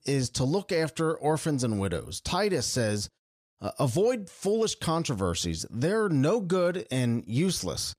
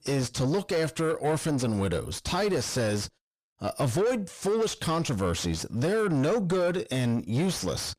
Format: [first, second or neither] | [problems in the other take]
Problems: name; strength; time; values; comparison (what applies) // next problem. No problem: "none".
first | distortion; slight; 9 dB below the speech